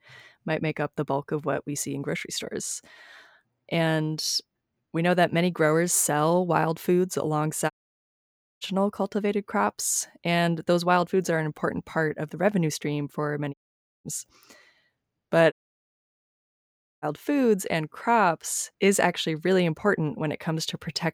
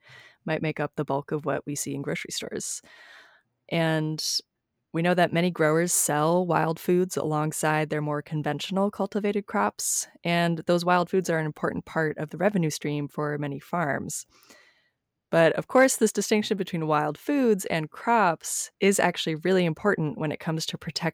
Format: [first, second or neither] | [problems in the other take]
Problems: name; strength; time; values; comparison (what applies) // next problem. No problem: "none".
second | audio cutting out; at 7.5 s for 1 s, at 14 s for 0.5 s and at 16 s for 1.5 s